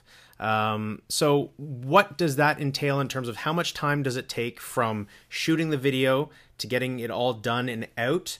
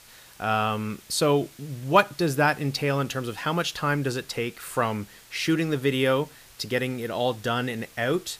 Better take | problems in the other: first | hiss; faint; throughout; 25 dB below the speech

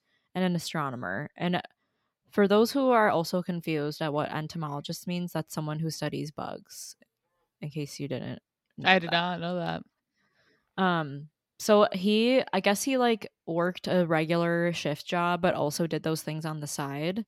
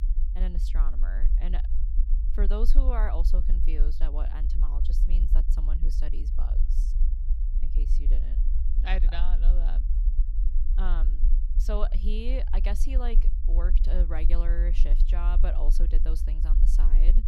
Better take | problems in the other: first | low rumble; noticeable; throughout; 10 dB below the speech

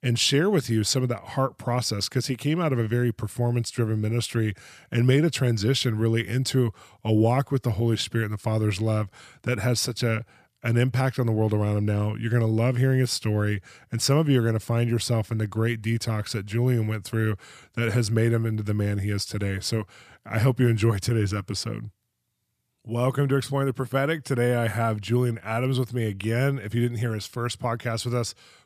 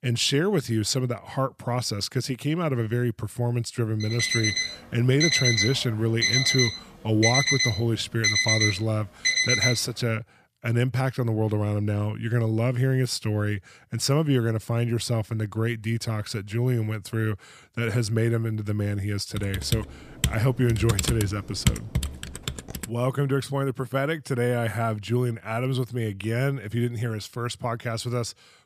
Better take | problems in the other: first | alarm; loud; from 4 to 10 s; peak 7 dB above the speech // keyboard typing; loud; from 19 to 23 s; peak 1 dB above the speech

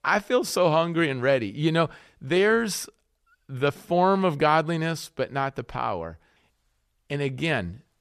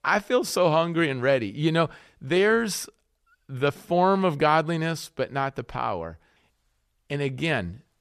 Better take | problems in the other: neither | none

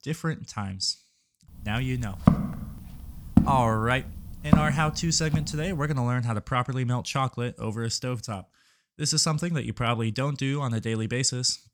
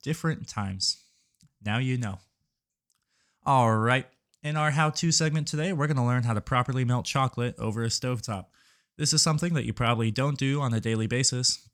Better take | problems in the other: second | footsteps; loud; from 2.5 to 5.5 s; peak 4 dB above the speech

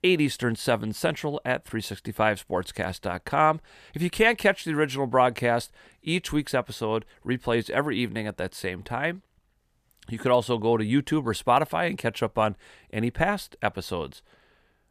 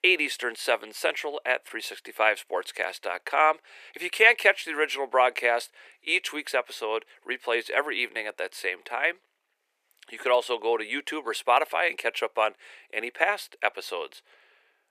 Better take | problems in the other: first | thin; very; fading below 400 Hz

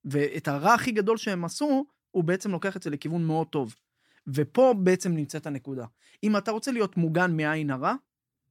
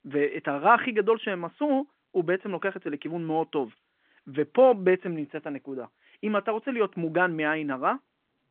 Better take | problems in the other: first | phone-call audio

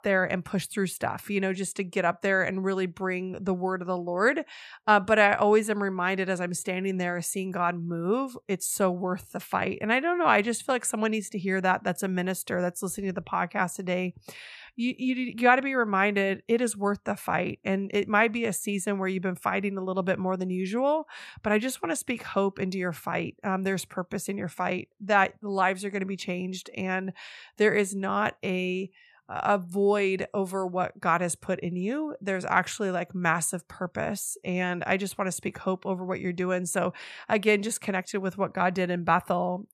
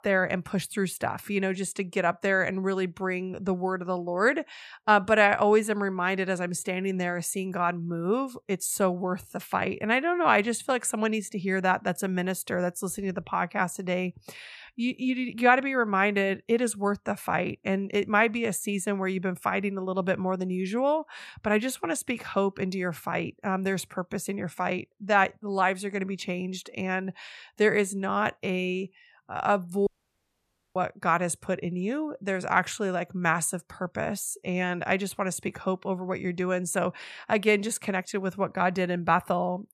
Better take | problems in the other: first | audio cutting out; at 30 s for 1 s

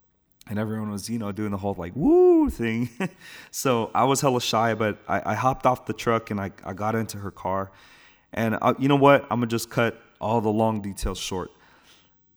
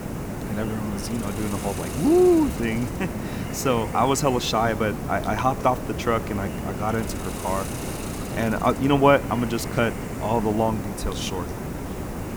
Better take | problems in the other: first | hiss; loud; throughout; 7 dB below the speech

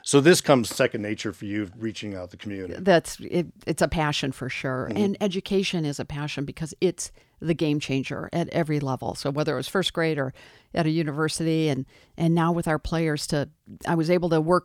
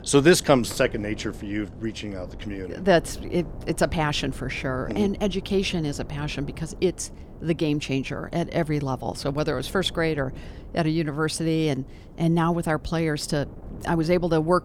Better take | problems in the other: first | wind noise on the microphone; occasional gusts; 20 dB below the speech

